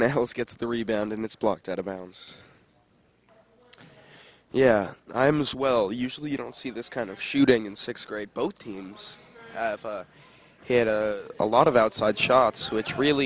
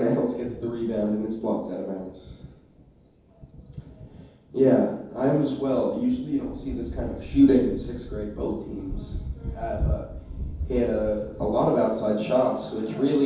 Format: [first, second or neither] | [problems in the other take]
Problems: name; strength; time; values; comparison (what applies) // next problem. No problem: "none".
first | background sound (Thunder); 11 dB below the speech // room echo; dies away in 0.9 s